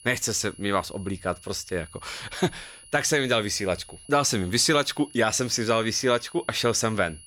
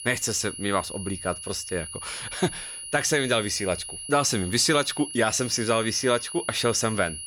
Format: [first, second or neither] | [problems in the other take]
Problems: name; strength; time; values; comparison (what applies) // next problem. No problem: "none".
first | high-pitched whine; loud; throughout; 10.5 kHz, 9 dB below the speech; faint in the first